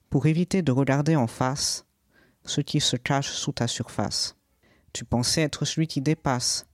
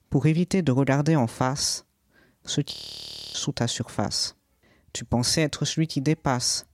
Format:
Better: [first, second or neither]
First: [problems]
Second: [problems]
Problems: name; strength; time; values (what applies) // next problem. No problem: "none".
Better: first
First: none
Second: audio freezing; at 2.5 s for 0.5 s